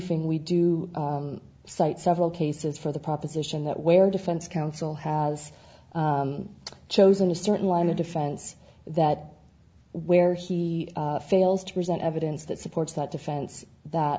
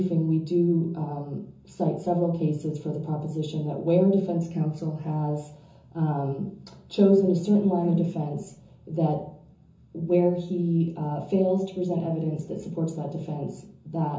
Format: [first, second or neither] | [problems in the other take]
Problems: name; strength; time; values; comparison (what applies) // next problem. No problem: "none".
first | room echo; dies away in 0.6 s